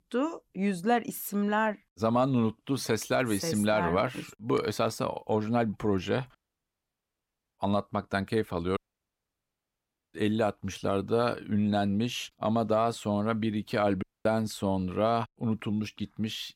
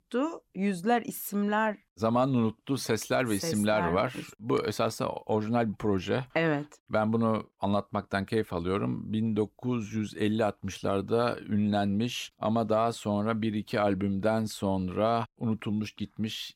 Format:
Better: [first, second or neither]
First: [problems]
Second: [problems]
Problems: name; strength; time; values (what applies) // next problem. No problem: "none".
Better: second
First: audio cutting out; at 6.5 s for 1 s, at 9 s for 1.5 s and at 14 s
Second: none